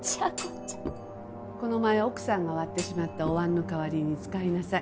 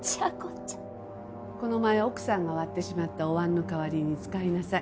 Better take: second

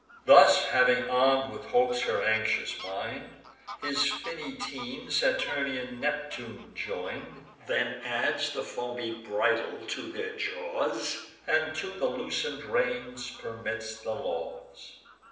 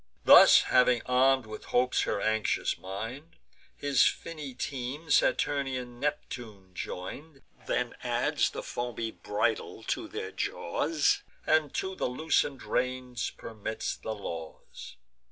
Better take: second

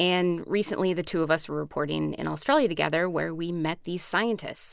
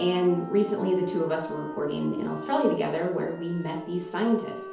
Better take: first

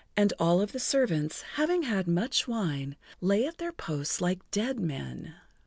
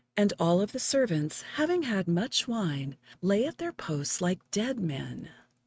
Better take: first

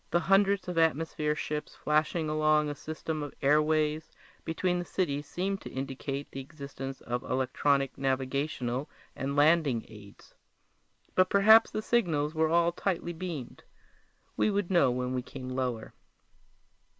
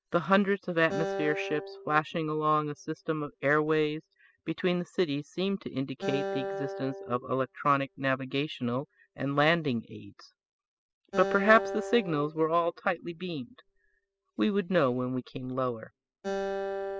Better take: first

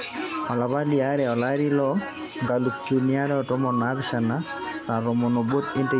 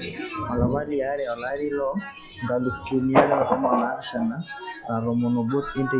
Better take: first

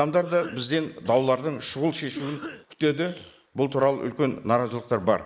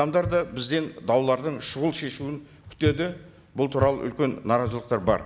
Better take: second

